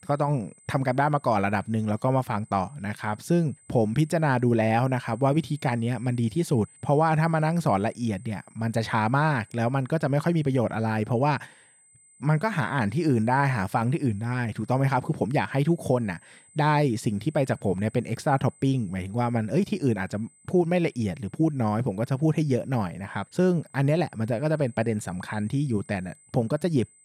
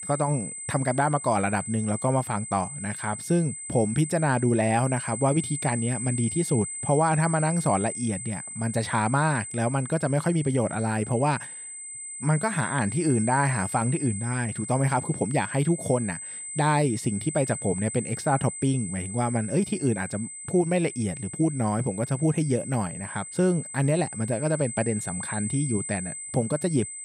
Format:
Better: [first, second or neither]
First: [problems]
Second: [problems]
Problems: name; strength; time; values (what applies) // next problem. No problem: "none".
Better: first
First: high-pitched whine; faint; throughout; 8 kHz, 30 dB below the speech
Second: high-pitched whine; loud; throughout; 8 kHz, 7 dB below the speech